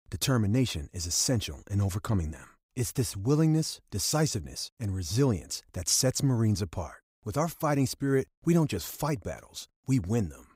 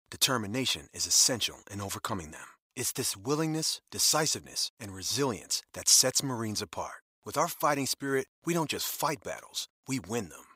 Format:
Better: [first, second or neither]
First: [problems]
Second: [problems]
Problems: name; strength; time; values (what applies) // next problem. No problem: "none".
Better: first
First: none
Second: thin; somewhat; fading below 850 Hz